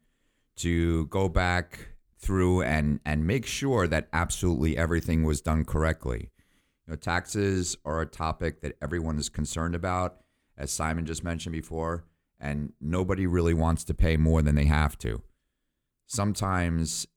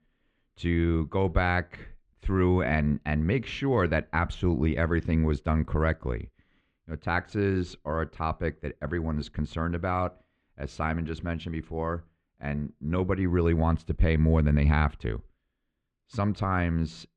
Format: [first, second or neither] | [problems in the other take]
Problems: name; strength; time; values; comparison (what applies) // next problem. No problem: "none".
first | muffled; very; fading above 3 kHz